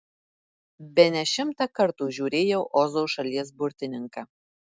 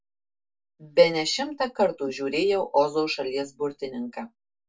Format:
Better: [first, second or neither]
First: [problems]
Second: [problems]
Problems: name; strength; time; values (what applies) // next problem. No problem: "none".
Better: first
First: none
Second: room echo; dies away in 0.1 s